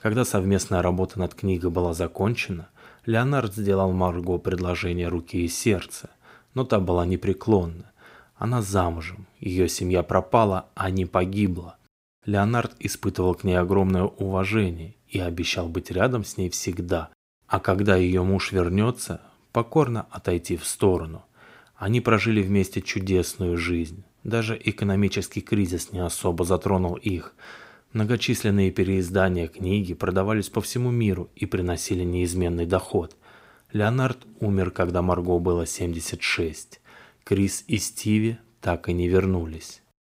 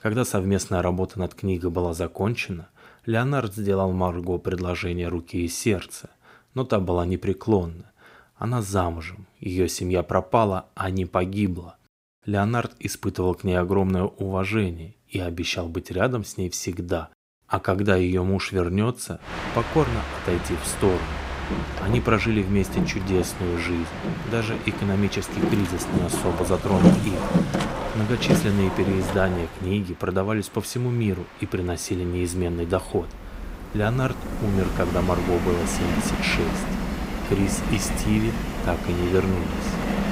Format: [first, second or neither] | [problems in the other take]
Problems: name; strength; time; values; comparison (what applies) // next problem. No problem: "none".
first | train or aircraft noise; loud; from 19 s on; 2 dB below the speech